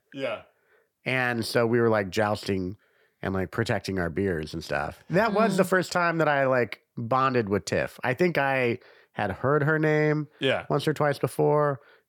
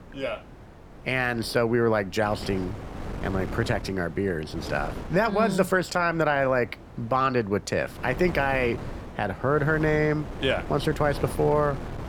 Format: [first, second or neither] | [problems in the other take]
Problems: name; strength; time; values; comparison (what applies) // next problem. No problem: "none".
first | wind noise on the microphone; occasional gusts; 15 dB below the speech